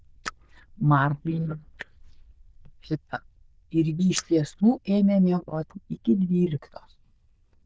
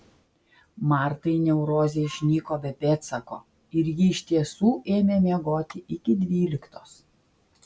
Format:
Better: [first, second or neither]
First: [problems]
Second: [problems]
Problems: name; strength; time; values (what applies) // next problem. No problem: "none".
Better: second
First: noise reduction (neural diffusion model UNIVERSE++)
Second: none